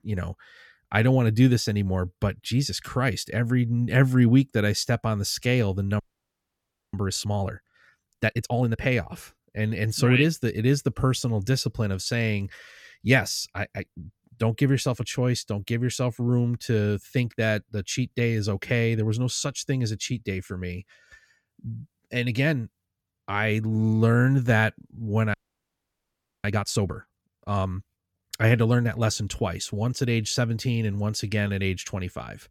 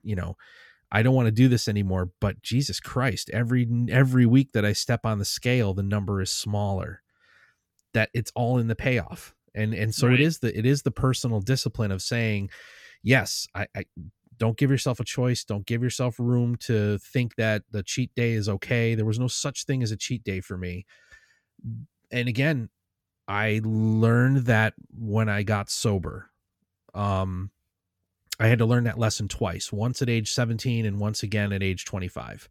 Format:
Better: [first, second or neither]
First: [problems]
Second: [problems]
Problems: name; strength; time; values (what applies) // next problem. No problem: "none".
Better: second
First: audio freezing; at 6 s for 1 s and at 25 s for 1 s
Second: none